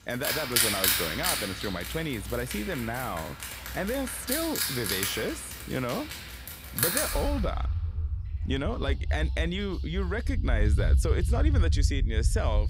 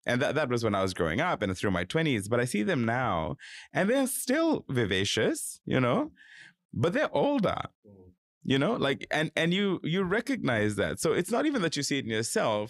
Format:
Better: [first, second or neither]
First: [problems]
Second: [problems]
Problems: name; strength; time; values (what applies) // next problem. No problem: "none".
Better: second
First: animal sounds; very loud; throughout; 4 dB above the speech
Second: none